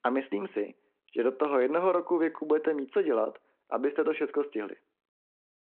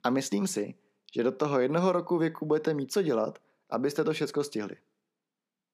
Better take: second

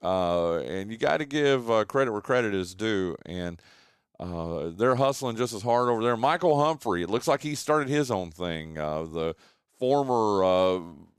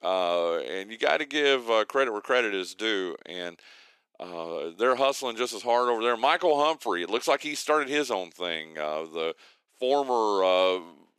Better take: first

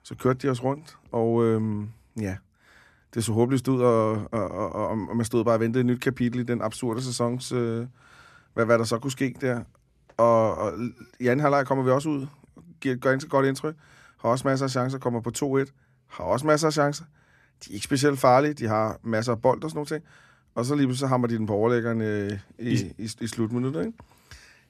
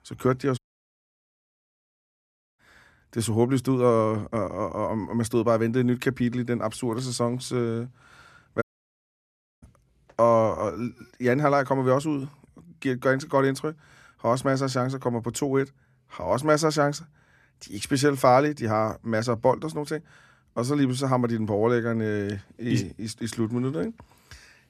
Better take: first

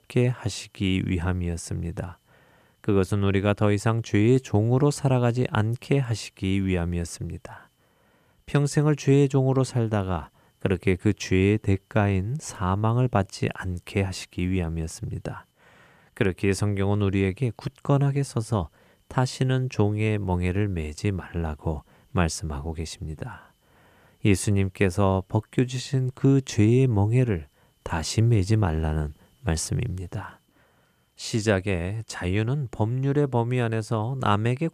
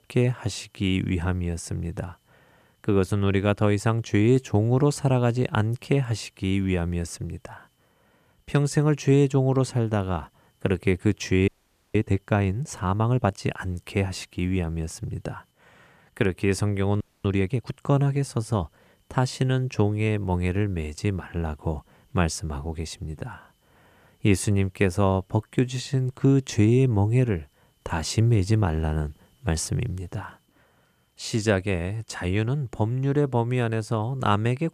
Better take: first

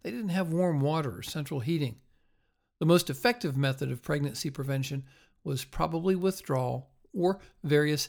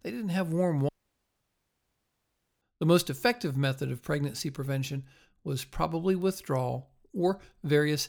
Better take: first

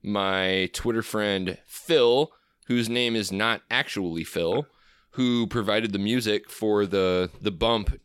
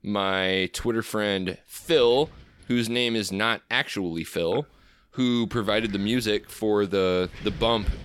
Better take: first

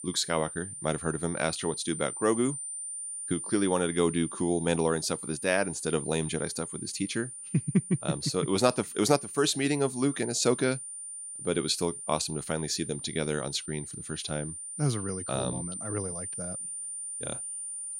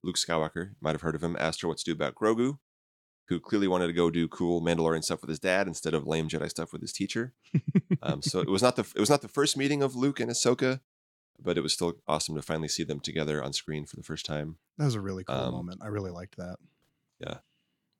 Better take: second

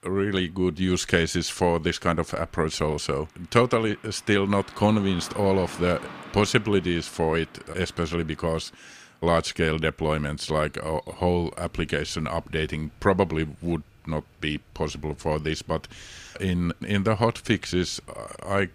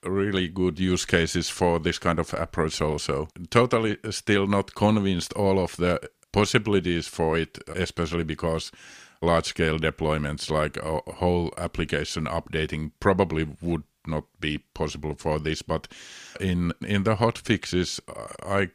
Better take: second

